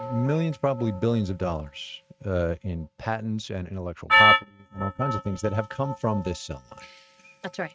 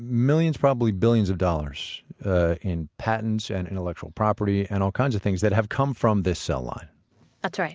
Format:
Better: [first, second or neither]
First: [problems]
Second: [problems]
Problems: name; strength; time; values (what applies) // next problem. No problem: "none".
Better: second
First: noise reduction (neural mask model RNNoise)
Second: none